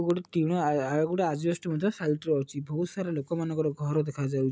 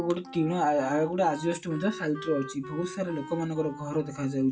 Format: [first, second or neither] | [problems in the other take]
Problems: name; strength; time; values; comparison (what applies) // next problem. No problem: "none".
first | background sound (Wind instrument, woodwind instrument); 14 dB below the speech // room echo; dies away in 0.2 s